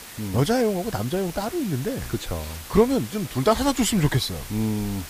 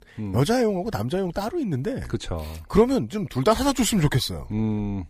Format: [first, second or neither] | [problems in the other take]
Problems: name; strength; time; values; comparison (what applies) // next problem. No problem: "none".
second | hiss; noticeable; throughout; 15 dB below the speech